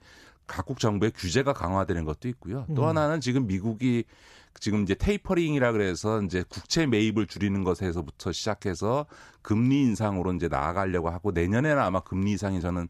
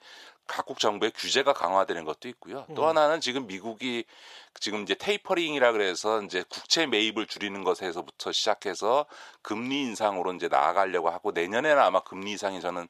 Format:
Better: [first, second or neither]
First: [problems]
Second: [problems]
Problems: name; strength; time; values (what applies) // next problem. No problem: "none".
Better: first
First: none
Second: thin; very; fading below 500 Hz